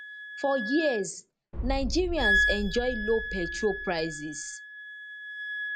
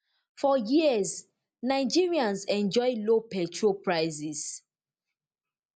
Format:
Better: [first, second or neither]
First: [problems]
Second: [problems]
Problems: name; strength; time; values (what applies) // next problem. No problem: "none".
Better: second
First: background sound (Boom + Wind instrument, woodwind instrument); 1 dB below the speech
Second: none